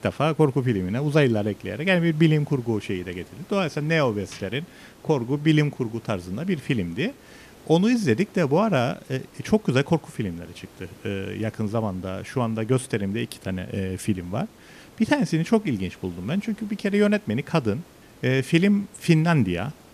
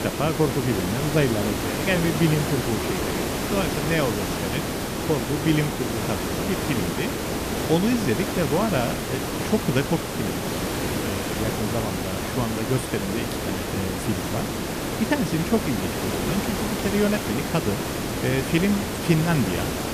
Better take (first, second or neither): first